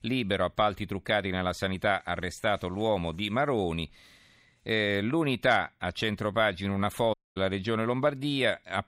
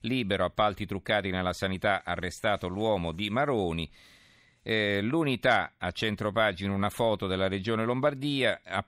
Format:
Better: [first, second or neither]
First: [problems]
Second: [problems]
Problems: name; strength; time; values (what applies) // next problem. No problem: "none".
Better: second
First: audio cutting out; at 7 s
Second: none